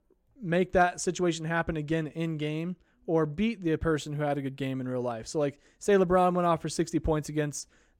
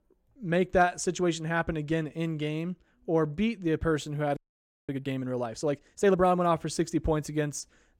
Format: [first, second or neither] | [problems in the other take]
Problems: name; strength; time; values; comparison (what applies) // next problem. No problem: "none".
first | audio freezing; at 4.5 s for 0.5 s